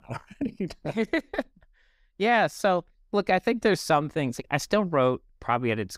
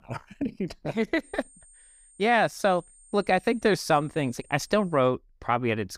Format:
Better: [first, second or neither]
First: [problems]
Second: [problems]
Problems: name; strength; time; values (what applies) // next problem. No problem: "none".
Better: first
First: none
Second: high-pitched whine; faint; from 1 to 5 s; 8.5 kHz, 25 dB below the speech